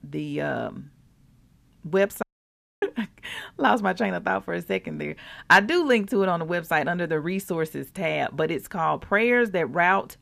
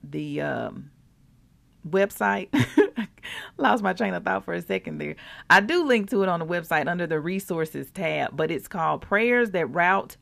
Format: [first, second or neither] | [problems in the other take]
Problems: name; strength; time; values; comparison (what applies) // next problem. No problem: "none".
second | audio cutting out; at 2 s for 0.5 s